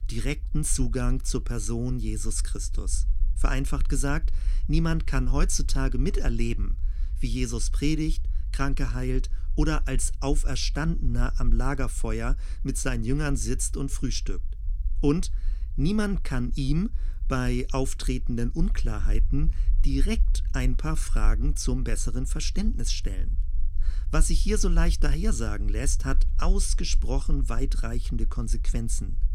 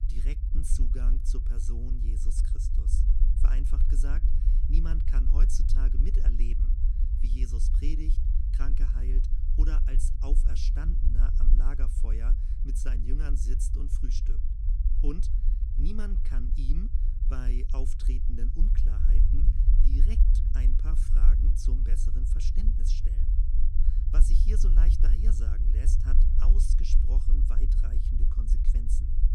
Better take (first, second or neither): first